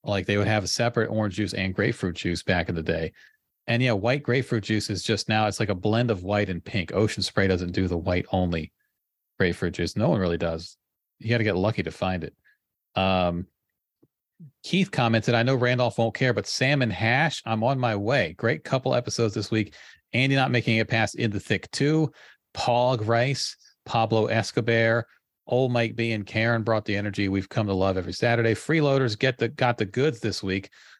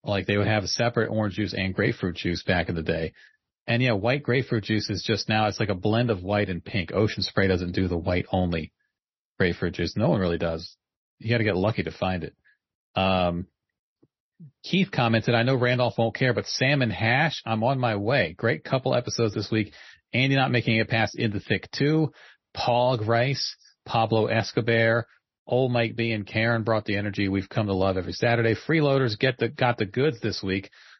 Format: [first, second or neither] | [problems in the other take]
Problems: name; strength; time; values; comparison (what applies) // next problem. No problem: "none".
first | garbled, watery; slightly; nothing above 6 kHz